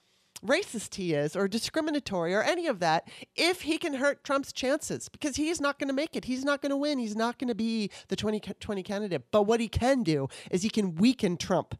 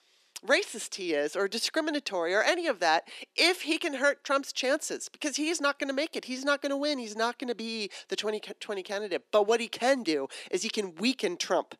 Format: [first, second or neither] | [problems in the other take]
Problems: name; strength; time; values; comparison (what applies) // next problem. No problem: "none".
first | thin; very slightly; fading below 300 Hz